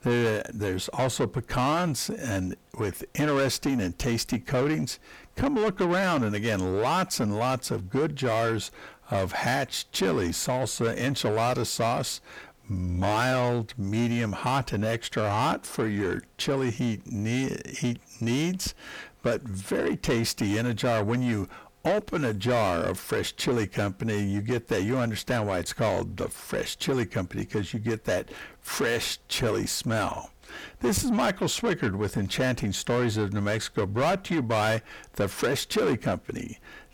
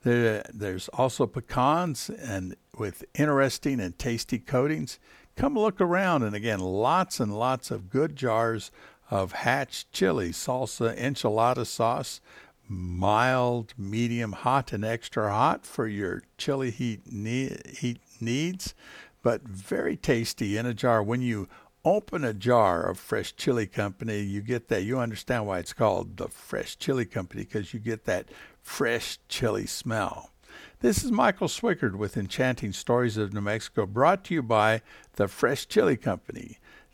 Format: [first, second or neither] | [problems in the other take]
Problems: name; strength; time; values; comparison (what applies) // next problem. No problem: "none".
second | distortion; heavy; 7 dB below the speech